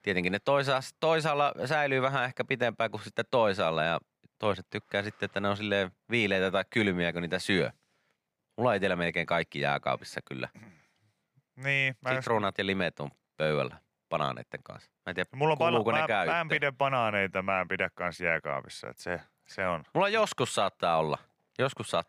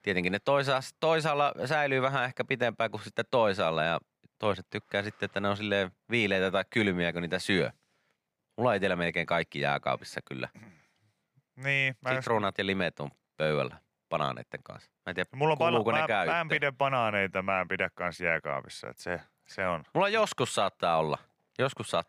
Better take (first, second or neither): neither